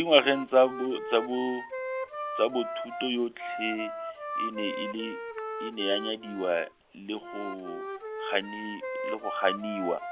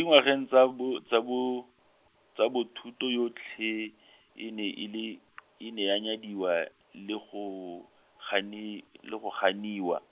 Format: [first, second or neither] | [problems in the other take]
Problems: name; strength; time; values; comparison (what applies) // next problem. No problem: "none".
second | background sound (Wind instrument, woodwind instrument); 7 dB below the speech